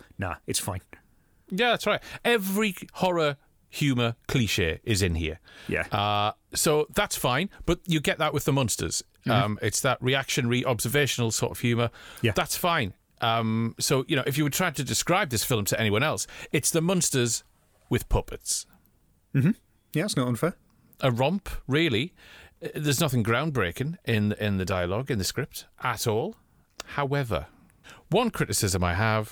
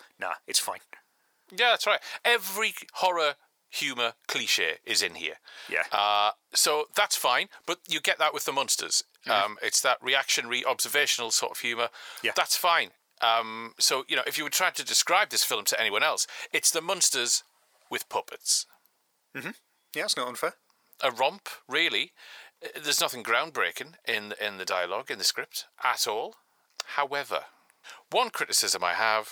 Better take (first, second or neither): first